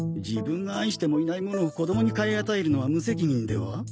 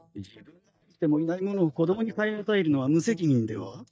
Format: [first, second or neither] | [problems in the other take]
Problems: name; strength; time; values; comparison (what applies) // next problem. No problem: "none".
first | noise reduction (neural mask model DeepFilterNet 3)